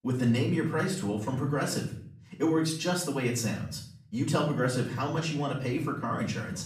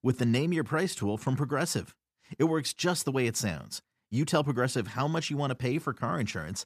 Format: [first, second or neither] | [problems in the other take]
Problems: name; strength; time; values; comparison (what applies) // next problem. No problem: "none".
second | off-mic speech; far // room echo; slight; dies away in 0.5 s